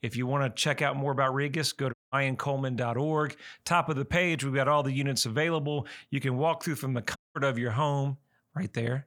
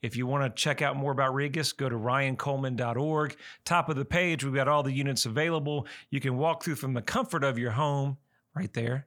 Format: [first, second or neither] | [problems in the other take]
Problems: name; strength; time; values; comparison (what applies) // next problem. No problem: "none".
second | audio cutting out; at 2 s and at 7 s